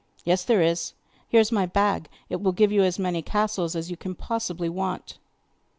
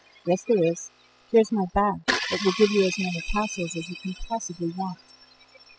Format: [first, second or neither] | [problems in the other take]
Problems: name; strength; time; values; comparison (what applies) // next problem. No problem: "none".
first | noise reduction (classical method spectral subtraction)